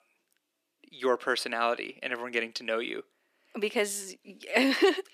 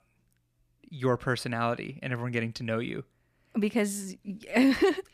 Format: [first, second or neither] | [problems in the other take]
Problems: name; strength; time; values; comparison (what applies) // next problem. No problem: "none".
second | thin; somewhat; fading below 300 Hz